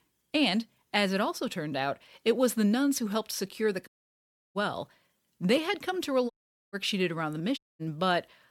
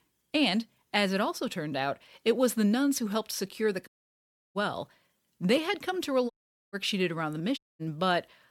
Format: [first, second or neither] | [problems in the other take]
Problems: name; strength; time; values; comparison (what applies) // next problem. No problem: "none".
neither | audio cutting out; at 4 s for 0.5 s, at 6.5 s and at 7.5 s; the same in both